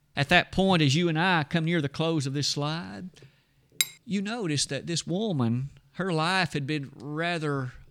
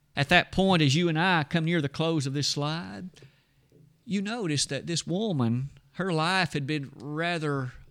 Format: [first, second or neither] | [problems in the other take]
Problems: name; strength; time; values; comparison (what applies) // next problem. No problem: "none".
second | clattering dishes; very faint; at 4 s; peak 2 dB below the speech